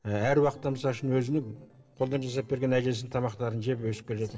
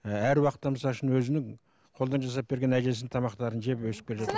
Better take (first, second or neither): second